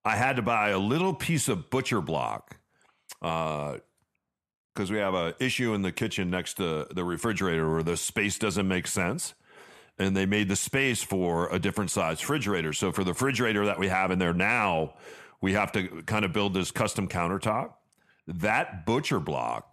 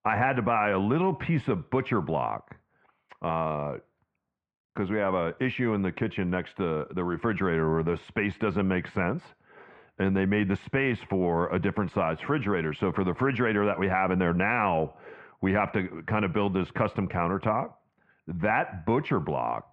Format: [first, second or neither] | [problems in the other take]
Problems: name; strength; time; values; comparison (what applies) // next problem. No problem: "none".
first | muffled; very; fading above 2 kHz